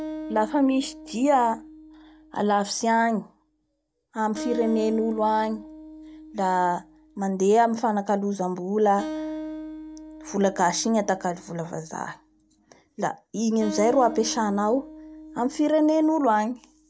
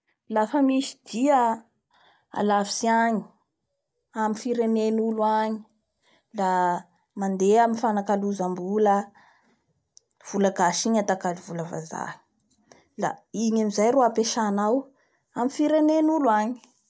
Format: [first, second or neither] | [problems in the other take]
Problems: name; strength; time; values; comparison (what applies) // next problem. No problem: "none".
second | background sound (Acoustic guitar); 14 dB below the speech